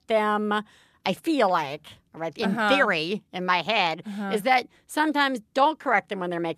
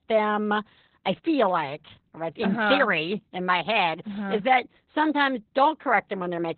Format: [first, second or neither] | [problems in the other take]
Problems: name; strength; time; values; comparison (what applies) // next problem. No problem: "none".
first | garbled, watery; badly; nothing above 4 kHz